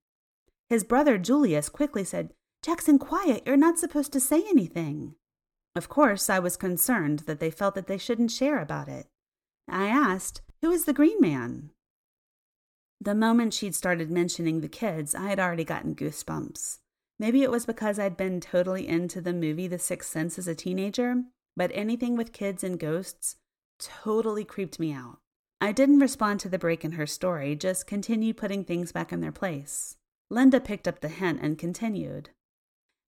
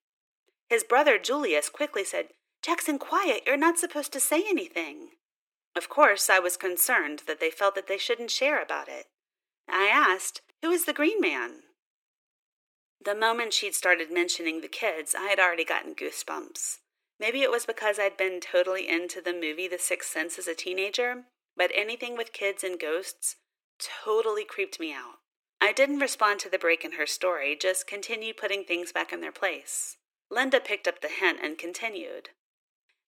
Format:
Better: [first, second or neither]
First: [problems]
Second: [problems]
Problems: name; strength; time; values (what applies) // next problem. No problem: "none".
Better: first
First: none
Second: thin; very; fading below 350 Hz